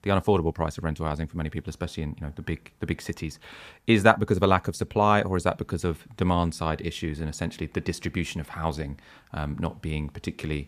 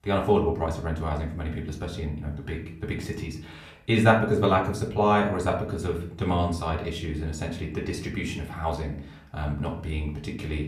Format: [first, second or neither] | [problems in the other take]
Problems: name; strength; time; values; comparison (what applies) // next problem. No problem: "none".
first | room echo; slight; dies away in 0.5 s // off-mic speech; somewhat distant